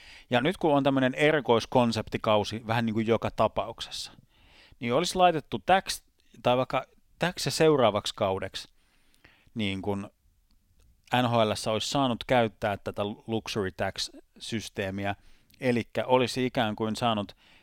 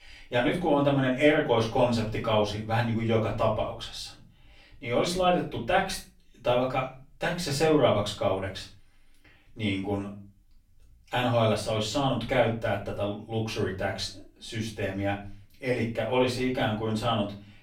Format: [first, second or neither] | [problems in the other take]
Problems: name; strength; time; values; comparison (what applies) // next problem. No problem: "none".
first | room echo; slight; dies away in 0.3 s // off-mic speech; far